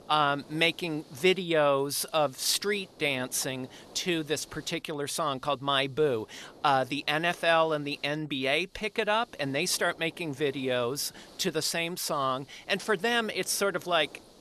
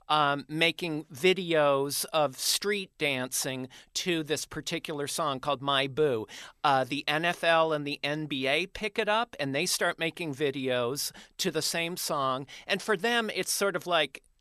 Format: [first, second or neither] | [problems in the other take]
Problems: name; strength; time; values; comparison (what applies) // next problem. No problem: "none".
second | hiss; faint; throughout; 25 dB below the speech